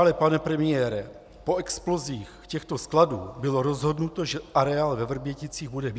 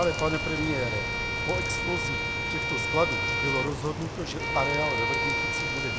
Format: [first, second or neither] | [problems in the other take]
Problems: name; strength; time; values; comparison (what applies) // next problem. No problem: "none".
first | background sound (Bowed string instrument + Rain); 3 dB above the speech